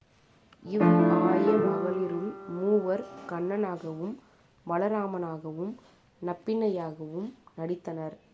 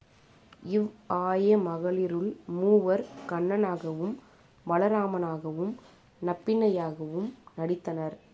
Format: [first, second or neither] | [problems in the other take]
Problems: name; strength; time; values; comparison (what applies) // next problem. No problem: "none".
second | background sound (Piano); 4 dB above the speech